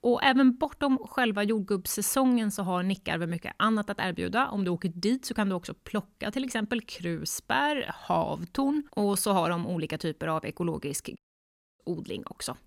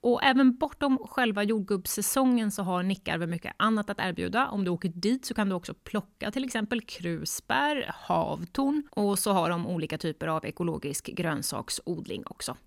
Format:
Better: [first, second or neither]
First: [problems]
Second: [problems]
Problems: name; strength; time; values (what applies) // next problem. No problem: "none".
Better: second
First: audio cutting out; at 11 s for 0.5 s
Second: none